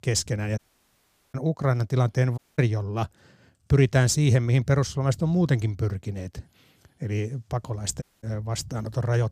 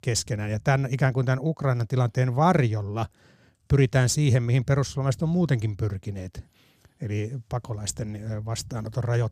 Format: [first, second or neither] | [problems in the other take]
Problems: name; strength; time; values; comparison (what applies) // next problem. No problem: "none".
second | audio cutting out; at 0.5 s for 1 s, at 2.5 s and at 8 s